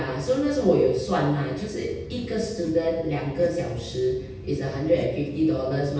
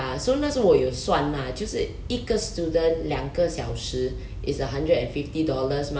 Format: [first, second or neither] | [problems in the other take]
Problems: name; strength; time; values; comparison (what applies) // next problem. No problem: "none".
second | background sound (Whoosh, swoosh, swish); 15 dB below the speech // room echo; dies away in 0.9 s